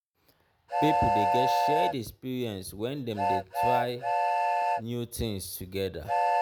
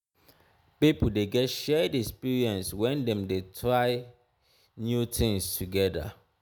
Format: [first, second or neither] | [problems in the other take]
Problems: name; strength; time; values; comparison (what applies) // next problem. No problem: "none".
second | background sound (Train); 5 dB above the speech